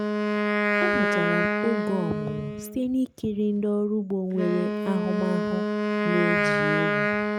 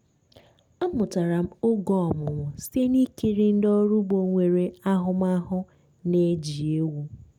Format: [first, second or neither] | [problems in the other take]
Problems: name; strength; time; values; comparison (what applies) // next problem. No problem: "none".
second | background sound (Wind instrument, woodwind instrument); 2 dB above the speech